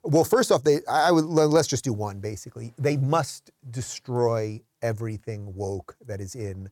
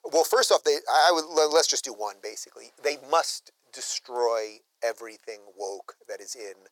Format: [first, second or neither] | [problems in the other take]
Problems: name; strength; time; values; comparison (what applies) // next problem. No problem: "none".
first | thin; very; fading below 500 Hz